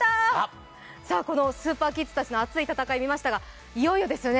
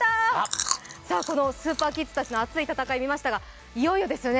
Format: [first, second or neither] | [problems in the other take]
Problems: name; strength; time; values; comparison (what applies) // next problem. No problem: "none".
first | background sound (Chewing, mastication); 9 dB below the speech